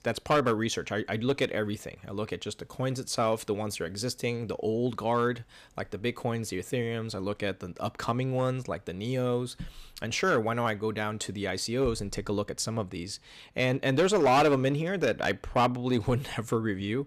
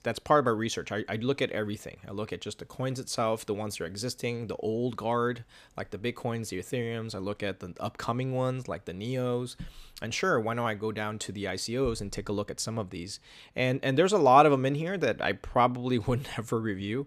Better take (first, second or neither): second